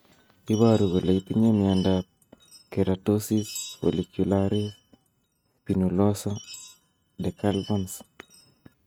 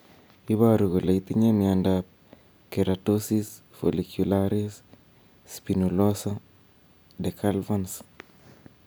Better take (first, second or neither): second